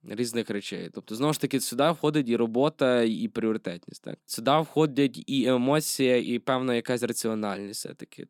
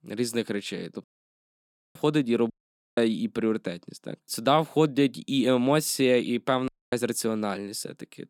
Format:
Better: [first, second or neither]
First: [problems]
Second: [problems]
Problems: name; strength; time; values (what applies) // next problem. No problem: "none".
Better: first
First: none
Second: audio cutting out; at 1 s for 1 s, at 2.5 s and at 6.5 s